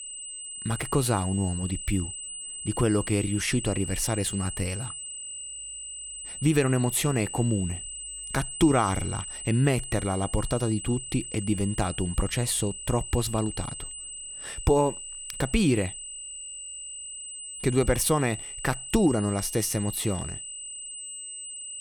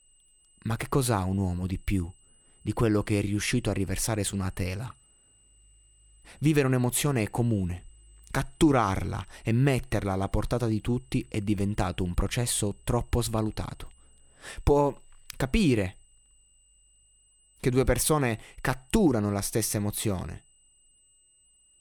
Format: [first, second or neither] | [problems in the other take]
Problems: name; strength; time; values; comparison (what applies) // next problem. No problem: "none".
second | high-pitched whine; loud; throughout; 8 kHz, 8 dB below the speech; faint in the second